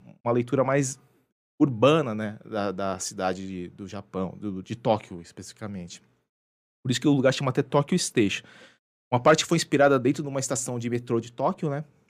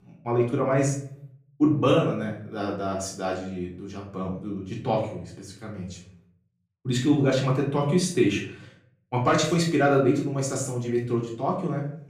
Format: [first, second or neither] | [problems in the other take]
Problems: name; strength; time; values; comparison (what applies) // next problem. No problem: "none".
first | off-mic speech; far // room echo; slight; dies away in 0.5 s